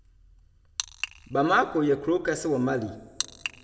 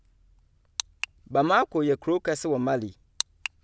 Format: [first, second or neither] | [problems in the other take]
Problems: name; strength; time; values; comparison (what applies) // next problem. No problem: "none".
second | room echo; dies away in 1 s